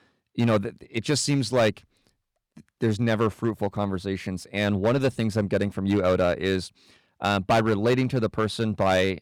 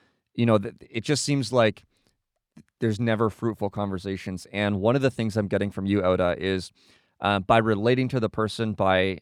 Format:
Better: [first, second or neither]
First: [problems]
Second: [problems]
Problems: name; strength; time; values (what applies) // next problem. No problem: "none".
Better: second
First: distortion; slight; 5% of the sound clipped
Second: none